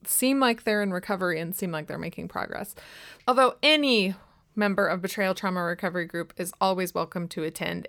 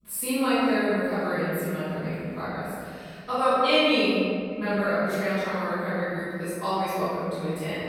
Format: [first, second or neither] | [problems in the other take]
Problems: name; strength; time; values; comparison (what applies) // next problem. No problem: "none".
first | room echo; strong; dies away in 2.7 s // off-mic speech; far